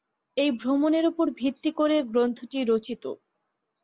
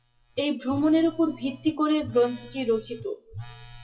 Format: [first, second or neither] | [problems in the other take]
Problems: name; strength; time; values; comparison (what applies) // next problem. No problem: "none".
first | noise reduction (classical method WPE with log-MMSE)